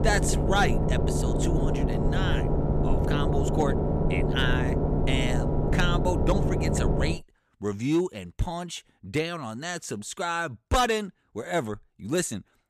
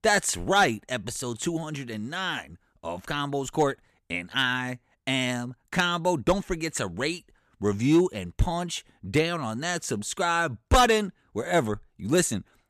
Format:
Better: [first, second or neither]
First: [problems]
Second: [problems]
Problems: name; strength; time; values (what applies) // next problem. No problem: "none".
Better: second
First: low rumble; loud; until 7 s; 1 dB below the speech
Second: none